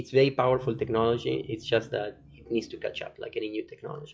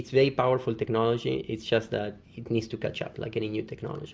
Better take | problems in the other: second | noise reduction (classical method log-MMSE)

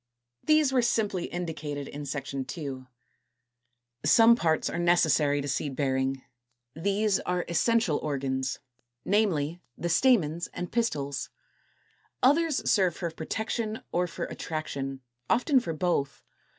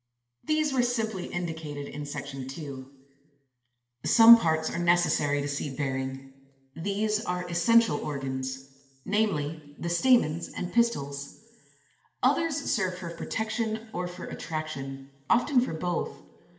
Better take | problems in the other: first | room echo; dies away in 1.5 s

